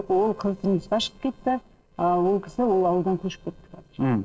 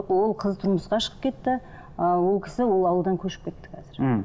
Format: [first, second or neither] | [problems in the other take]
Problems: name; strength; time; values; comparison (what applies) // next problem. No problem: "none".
second | noise reduction (neural separator model SepFormer DNS4)